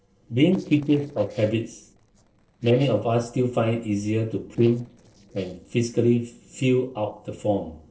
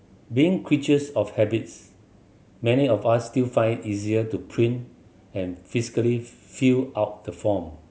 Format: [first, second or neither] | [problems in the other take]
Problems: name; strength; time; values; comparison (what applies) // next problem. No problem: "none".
second | noise reduction (neural separator model SepFormer DNS4)